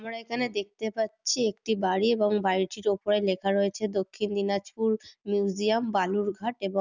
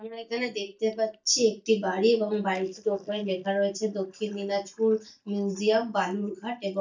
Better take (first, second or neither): first